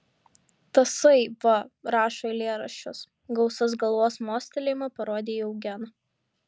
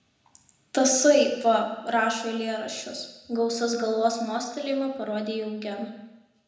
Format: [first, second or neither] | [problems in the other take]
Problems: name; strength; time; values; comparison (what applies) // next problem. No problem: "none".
first | room echo; dies away in 0.9 s